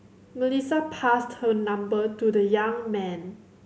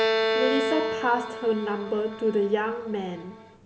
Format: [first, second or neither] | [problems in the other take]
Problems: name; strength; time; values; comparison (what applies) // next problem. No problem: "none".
first | background sound (Bowed string instrument); 2 dB below the speech